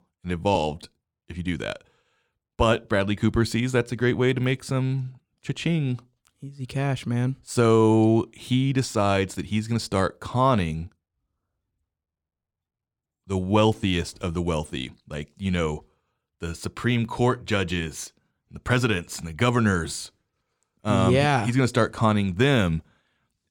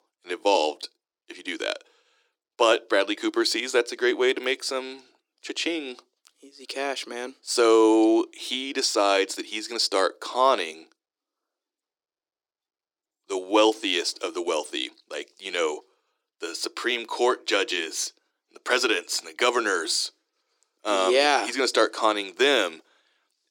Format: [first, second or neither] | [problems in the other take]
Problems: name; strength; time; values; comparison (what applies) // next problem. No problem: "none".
first | thin; very; fading below 300 Hz